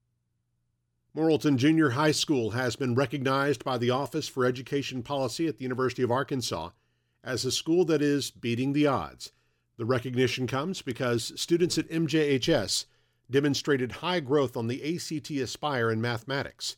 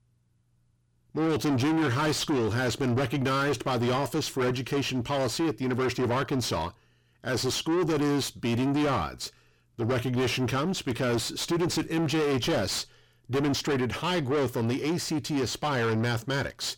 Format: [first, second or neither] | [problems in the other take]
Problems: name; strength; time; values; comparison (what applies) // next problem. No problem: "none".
first | distortion; heavy; 6 dB below the speech